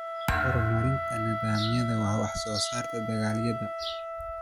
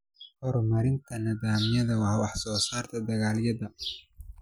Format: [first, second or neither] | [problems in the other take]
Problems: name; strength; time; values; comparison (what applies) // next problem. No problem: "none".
second | background sound (Wind instrument, woodwind instrument + Thump, thud); 2 dB below the speech